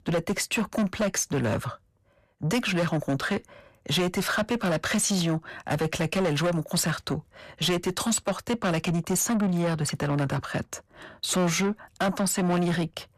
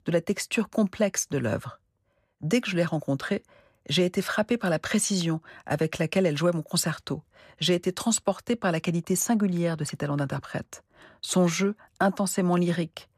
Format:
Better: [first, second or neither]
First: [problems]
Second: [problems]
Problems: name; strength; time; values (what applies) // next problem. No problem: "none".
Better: second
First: distortion; heavy; 8 dB below the speech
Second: none